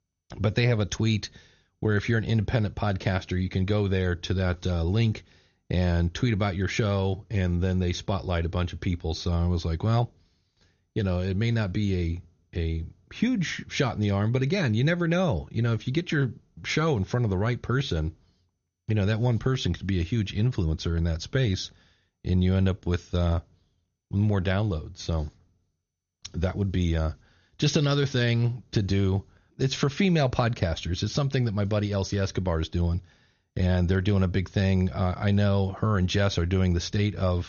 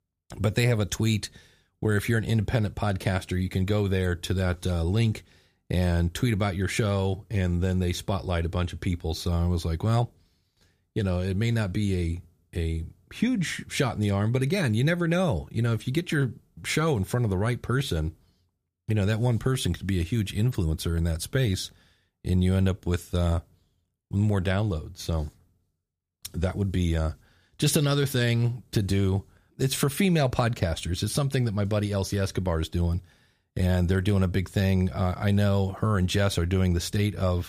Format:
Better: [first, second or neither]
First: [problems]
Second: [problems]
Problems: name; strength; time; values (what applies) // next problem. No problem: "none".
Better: second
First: garbled, watery; slightly; nothing above 6.5 kHz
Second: none